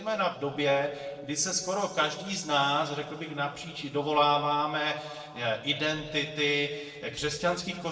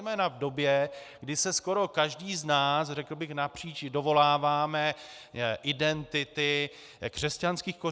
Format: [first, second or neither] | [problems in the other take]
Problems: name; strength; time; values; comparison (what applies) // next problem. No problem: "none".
second | noise reduction (neural separator model SepFormer DNS4)